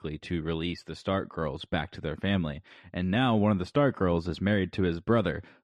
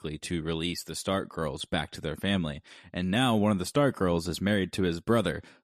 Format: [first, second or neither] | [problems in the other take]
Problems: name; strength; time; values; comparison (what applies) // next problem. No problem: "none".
second | muffled; slightly; fading above 3 kHz